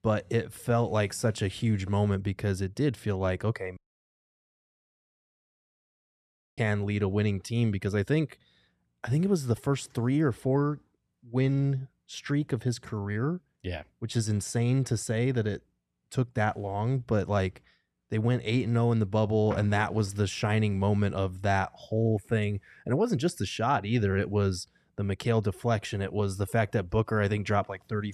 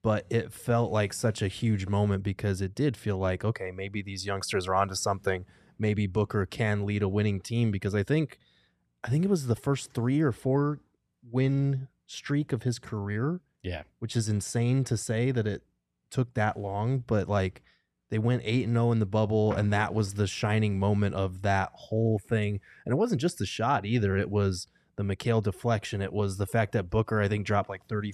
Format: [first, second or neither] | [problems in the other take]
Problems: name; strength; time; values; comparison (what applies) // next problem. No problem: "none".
second | audio cutting out; at 4 s for 3 s